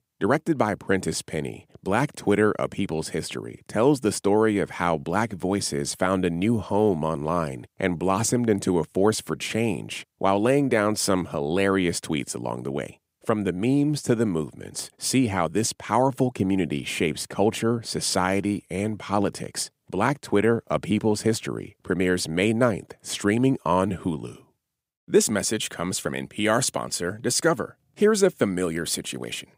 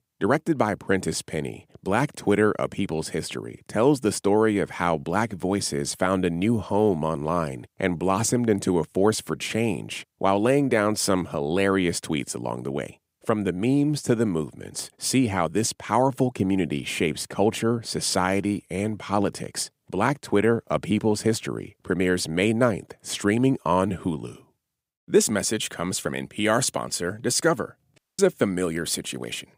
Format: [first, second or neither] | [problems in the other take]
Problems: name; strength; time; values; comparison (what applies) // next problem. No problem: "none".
first | audio cutting out; at 28 s